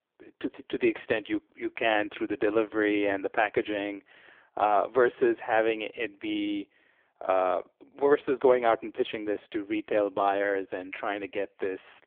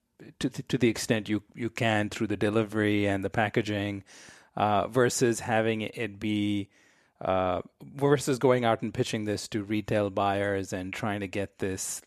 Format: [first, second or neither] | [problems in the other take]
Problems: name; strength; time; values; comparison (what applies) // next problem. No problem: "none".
second | phone-call audio; poor line; nothing above 3.5 kHz